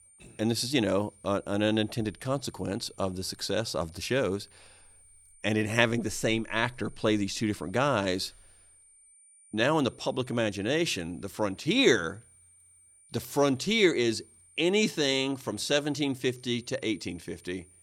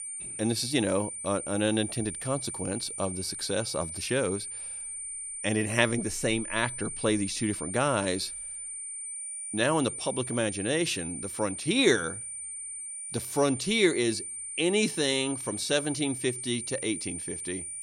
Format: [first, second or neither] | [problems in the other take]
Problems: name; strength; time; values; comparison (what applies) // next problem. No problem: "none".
first | high-pitched whine; loud; throughout; 9 kHz, 6 dB below the speech; faint in the first